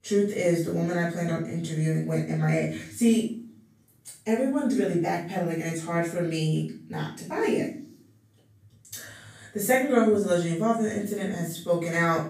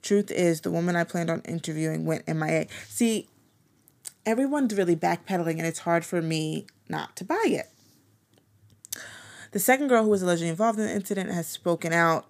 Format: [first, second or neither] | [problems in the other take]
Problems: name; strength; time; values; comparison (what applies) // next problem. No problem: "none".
second | off-mic speech; far // room echo; noticeable; dies away in 0.5 s